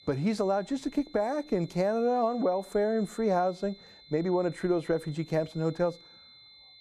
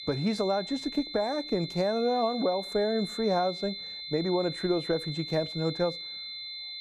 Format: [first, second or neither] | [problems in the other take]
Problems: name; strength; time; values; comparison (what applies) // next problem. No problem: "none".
first | high-pitched whine; loud; throughout; 4 kHz, 7 dB below the speech; faint in the first